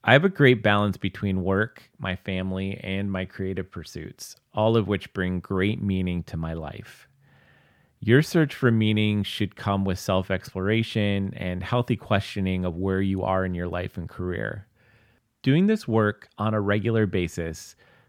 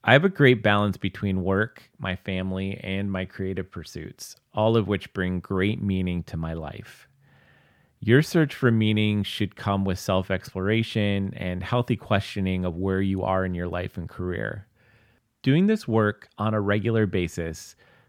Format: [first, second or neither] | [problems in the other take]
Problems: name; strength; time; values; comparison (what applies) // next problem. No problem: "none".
neither | none